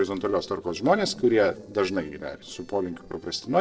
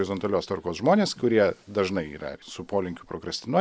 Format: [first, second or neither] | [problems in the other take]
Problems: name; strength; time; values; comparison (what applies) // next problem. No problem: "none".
second | noise reduction (neural separator model SepFormer DNS4)